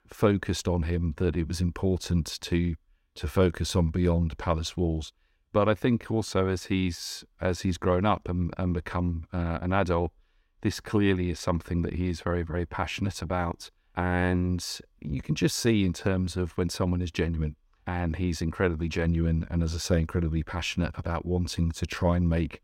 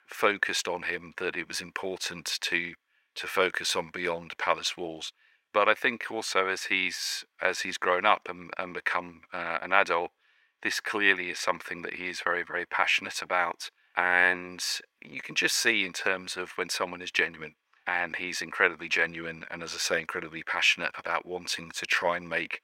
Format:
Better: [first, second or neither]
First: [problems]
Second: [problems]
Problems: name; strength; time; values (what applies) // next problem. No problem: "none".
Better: first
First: none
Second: thin; very; fading below 600 Hz